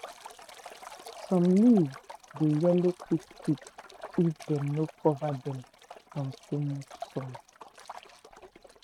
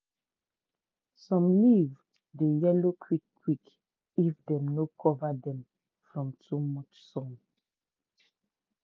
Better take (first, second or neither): second